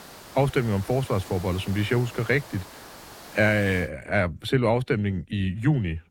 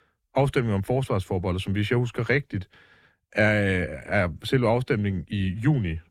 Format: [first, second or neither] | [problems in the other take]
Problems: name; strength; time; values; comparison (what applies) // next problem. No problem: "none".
second | hiss; noticeable; until 4 s; 15 dB below the speech